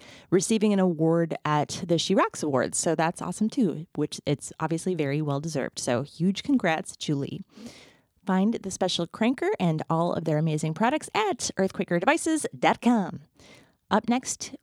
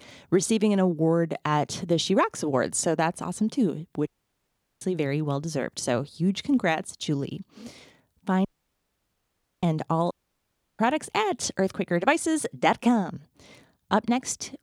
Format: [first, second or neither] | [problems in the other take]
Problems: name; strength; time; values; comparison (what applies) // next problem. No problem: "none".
first | audio cutting out; at 4 s for 0.5 s, at 8.5 s for 1 s and at 10 s for 0.5 s